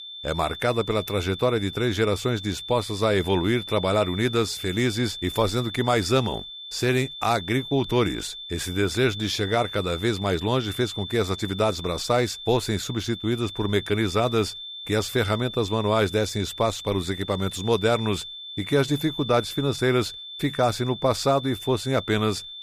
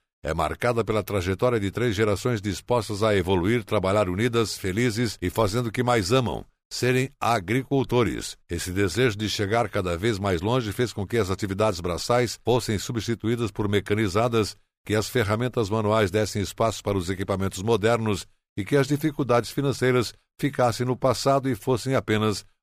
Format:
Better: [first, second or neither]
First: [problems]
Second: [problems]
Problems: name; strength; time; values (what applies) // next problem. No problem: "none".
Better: second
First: high-pitched whine; noticeable; throughout; 3.5 kHz, 10 dB below the speech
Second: none